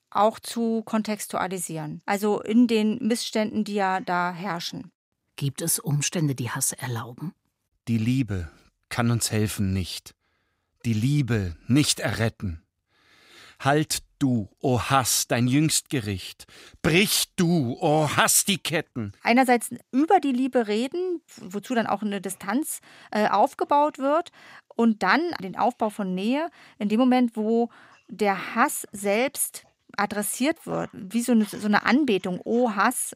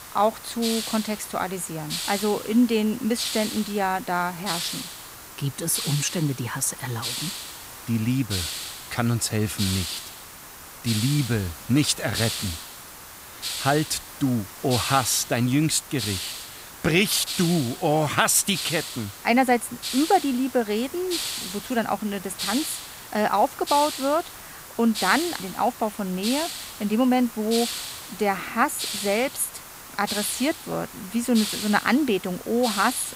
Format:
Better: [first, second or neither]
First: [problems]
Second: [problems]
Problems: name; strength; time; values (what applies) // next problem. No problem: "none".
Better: first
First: none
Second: hiss; loud; throughout; 8 dB below the speech